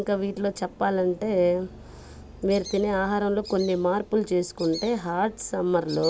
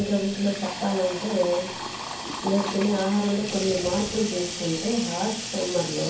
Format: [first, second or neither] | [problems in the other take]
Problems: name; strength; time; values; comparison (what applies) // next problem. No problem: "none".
first | background sound (Sink (filling or washing) / Water tap, faucet); 7 dB below the speech // room echo; dies away in 0.6 s